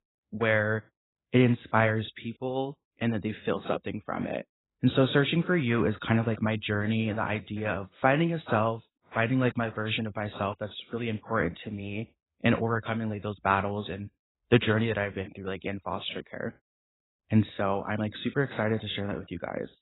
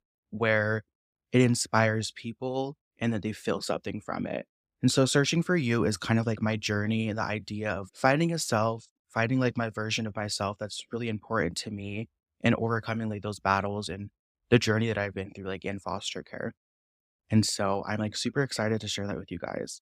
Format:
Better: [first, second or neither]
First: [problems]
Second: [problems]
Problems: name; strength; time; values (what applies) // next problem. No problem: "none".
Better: second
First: garbled, watery; badly; nothing above 4 kHz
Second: none